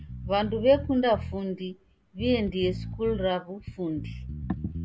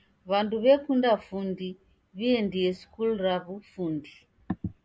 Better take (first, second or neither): second